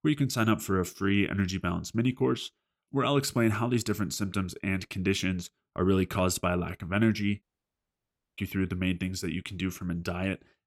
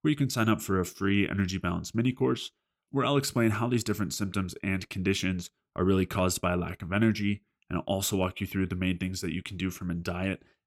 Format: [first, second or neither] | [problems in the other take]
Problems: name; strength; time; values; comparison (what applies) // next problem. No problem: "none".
second | audio cutting out; at 7.5 s for 1 s